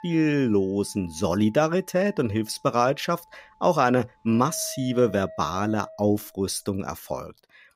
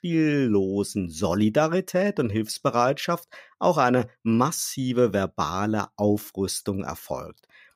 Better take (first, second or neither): second